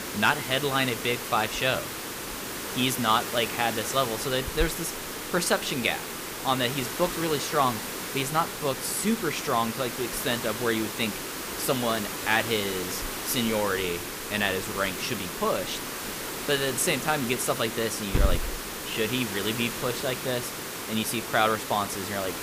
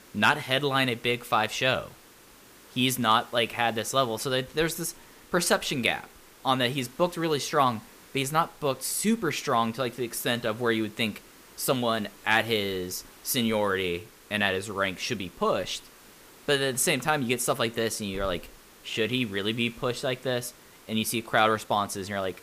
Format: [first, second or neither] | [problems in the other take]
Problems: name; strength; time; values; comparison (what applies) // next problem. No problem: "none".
second | hiss; loud; throughout; 5 dB below the speech; faint in the second